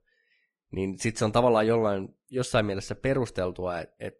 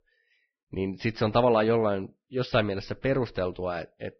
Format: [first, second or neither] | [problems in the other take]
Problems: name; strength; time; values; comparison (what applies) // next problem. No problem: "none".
first | garbled, watery; badly; nothing above 5.5 kHz; slightly in the first